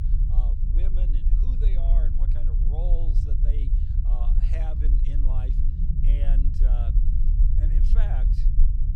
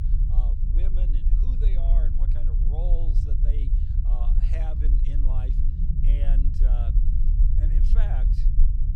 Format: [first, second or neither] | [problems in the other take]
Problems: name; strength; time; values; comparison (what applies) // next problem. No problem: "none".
neither | low rumble; loud; throughout; as loud as the speech; the same in both